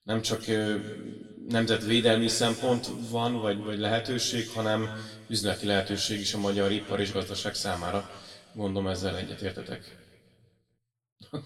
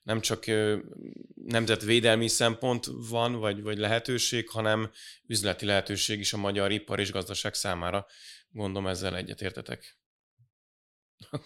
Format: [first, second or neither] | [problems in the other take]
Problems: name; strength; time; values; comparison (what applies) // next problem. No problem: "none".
second | room echo; noticeable; dies away in 1.5 s // off-mic speech; somewhat distant